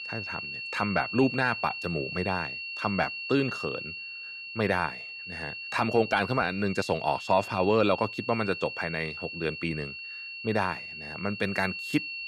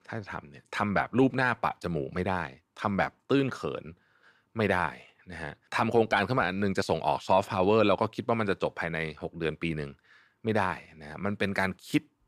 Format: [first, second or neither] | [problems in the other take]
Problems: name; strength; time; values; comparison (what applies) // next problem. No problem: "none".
second | high-pitched whine; loud; throughout; 2.5 kHz, 7 dB below the speech